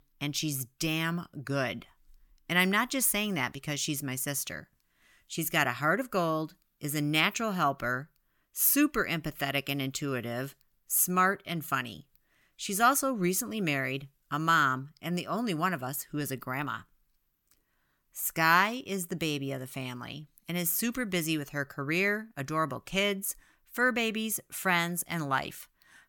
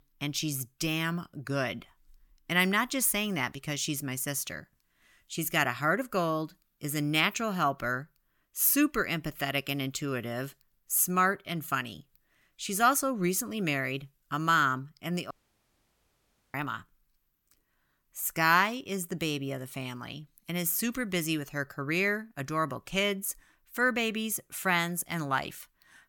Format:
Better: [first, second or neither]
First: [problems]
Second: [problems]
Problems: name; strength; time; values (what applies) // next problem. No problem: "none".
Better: first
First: none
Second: audio cutting out; at 15 s for 1 s